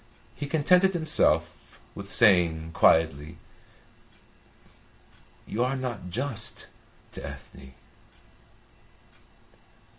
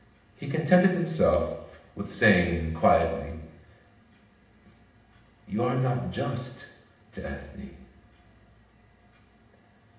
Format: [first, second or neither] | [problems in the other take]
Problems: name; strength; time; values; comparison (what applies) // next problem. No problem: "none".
first | room echo; dies away in 0.8 s